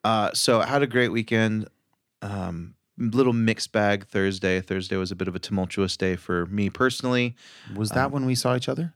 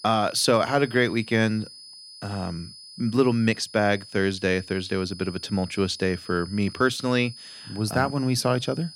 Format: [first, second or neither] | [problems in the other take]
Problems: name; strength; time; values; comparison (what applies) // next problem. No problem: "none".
first | high-pitched whine; noticeable; throughout; 5 kHz, 15 dB below the speech